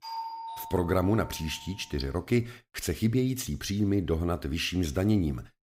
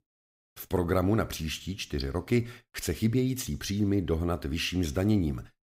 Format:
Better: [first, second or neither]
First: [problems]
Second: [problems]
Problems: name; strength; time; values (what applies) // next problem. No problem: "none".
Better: second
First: doorbell; noticeable; until 1.5 s; peak 8 dB below the speech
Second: none